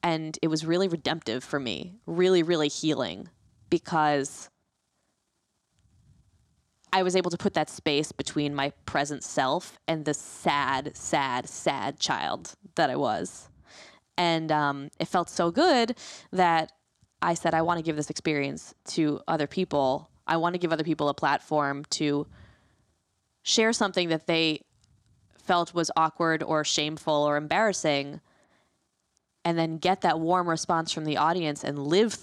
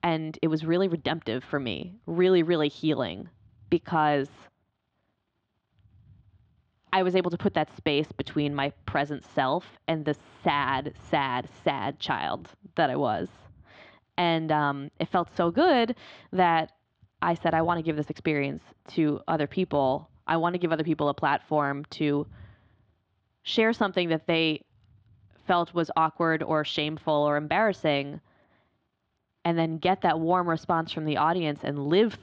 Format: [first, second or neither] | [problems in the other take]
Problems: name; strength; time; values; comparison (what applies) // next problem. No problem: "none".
first | muffled; slightly; fading above 3 kHz